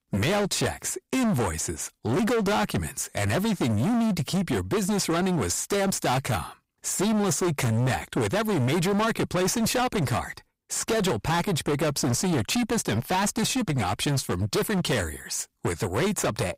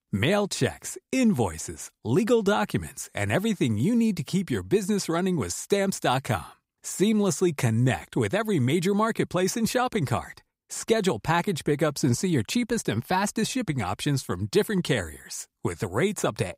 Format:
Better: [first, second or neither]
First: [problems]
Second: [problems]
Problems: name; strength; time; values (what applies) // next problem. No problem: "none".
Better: second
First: distortion; heavy; 29% of the sound clipped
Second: none